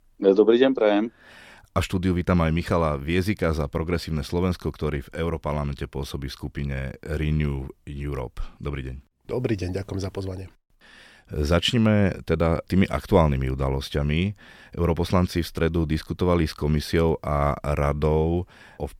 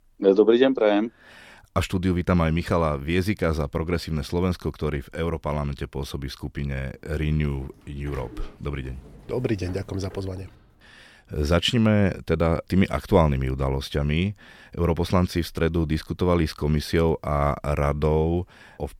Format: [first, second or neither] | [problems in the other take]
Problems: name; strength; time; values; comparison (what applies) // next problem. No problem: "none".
first | door banging; faint; from 7 to 11 s; peak 15 dB below the speech